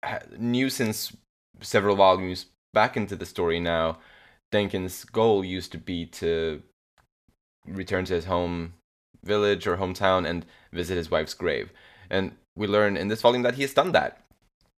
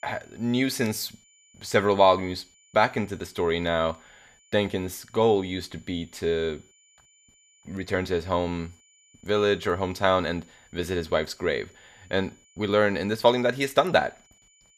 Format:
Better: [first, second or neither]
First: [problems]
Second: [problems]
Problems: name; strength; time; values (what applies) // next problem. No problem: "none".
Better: first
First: none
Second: high-pitched whine; faint; throughout; 7 kHz, 30 dB below the speech